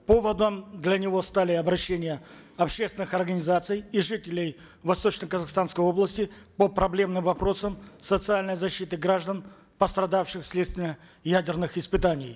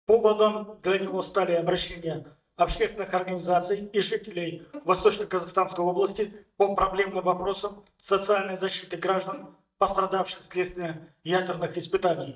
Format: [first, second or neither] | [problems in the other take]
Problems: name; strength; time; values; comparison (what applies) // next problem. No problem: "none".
first | noise reduction (neural mask model DeepFilterNet 3)